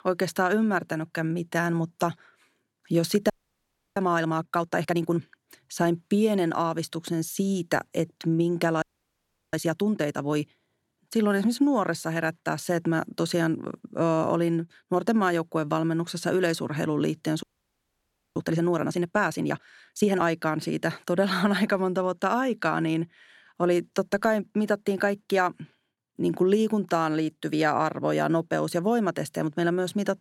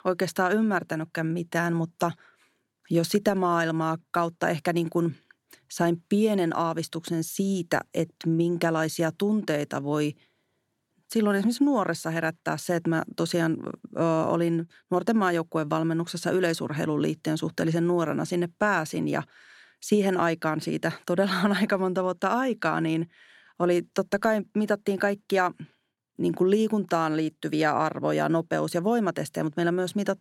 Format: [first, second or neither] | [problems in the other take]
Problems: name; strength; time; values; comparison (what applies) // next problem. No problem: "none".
second | audio freezing; at 3.5 s for 0.5 s, at 9 s for 0.5 s and at 17 s for 1 s